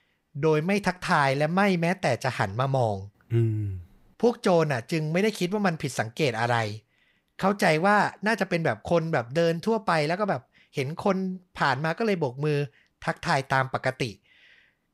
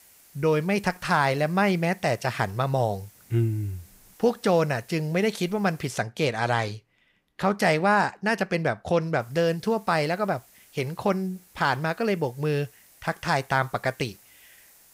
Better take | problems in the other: first | hiss; faint; until 6 s and from 9 s on; 25 dB below the speech

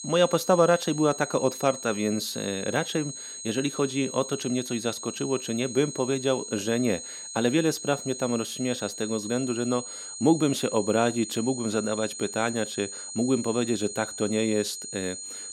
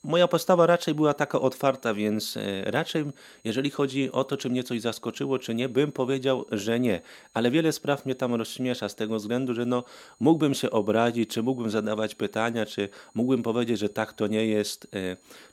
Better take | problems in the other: second | high-pitched whine; loud; throughout; 6.5 kHz, 9 dB below the speech; faint in the second

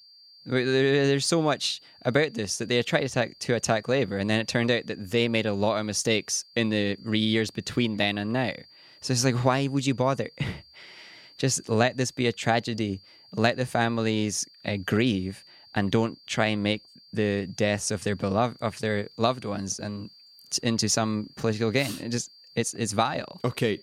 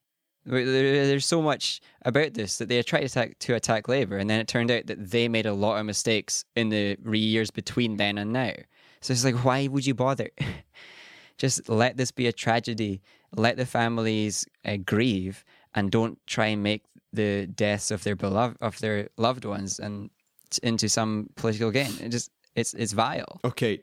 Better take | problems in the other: second | high-pitched whine; faint; throughout; 4.5 kHz, 25 dB below the speech

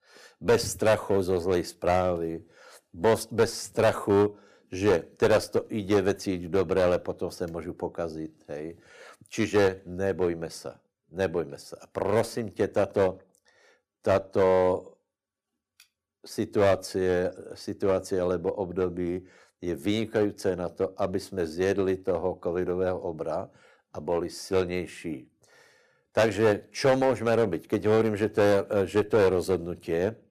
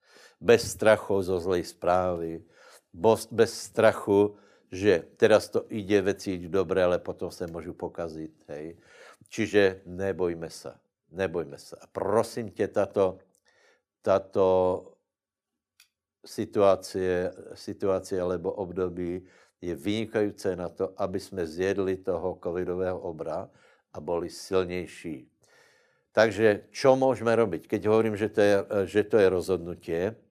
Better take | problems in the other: second | distortion; slight; 4% of the sound clipped

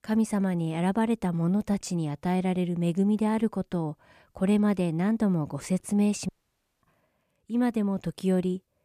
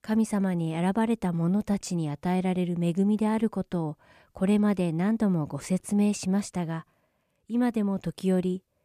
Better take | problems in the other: second | audio cutting out; at 6.5 s for 0.5 s

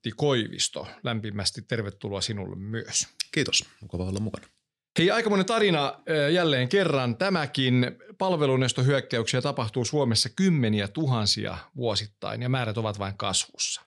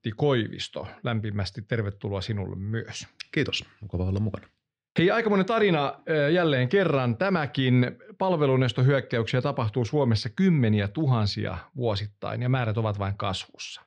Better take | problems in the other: first | muffled; slightly; fading above 2.5 kHz

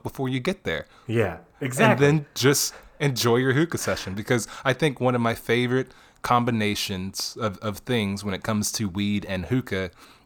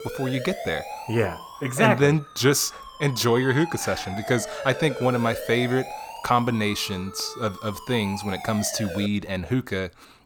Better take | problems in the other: first | siren; noticeable; until 9 s; peak 8 dB below the speech

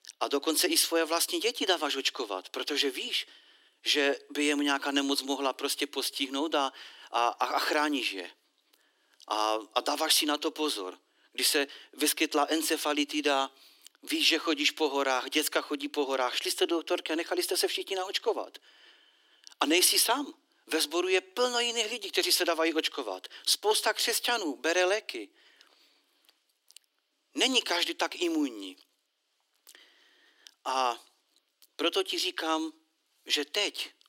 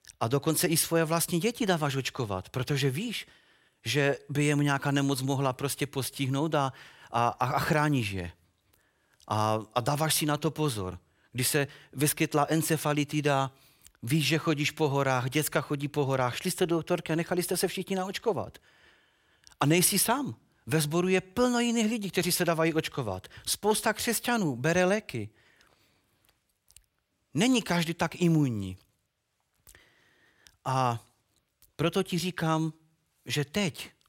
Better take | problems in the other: second | thin; somewhat; fading below 300 Hz

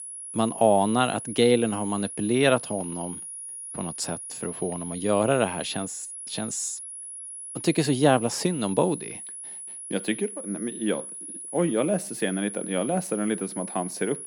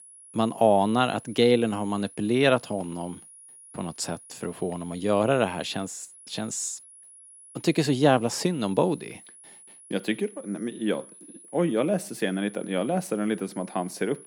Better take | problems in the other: second | high-pitched whine; loud; throughout; 10.5 kHz, 9 dB below the speech; faint in the second

